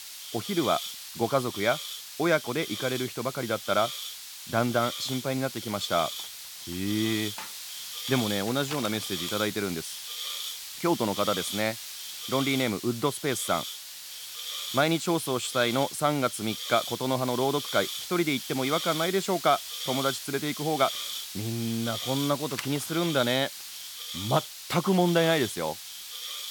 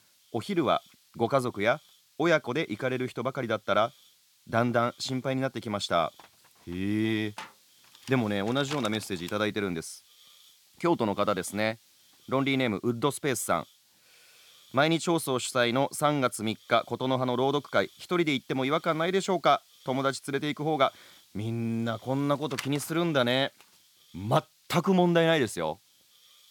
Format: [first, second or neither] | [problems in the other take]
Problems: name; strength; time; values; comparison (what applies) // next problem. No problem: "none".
second | hiss; loud; throughout; 6 dB below the speech; faint in the second